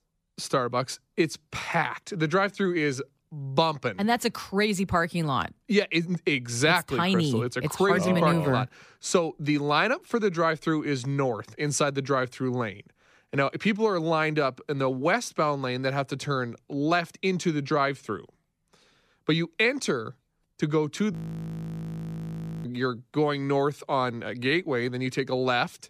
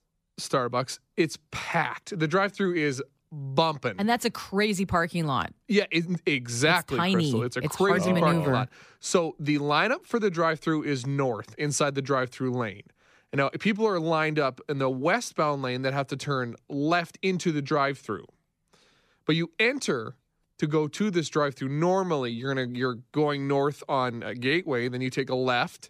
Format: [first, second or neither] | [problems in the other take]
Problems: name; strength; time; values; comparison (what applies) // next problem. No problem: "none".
second | audio freezing; at 21 s for 1.5 s